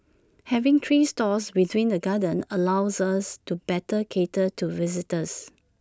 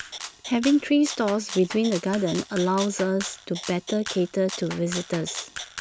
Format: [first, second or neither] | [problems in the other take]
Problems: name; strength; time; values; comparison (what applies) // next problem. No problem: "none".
first | background sound (Rattle (instrument)); 12 dB below the speech